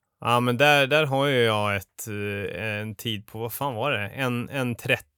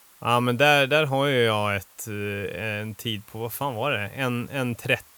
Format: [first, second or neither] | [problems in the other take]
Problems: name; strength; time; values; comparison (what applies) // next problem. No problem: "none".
first | hiss; faint; throughout; 25 dB below the speech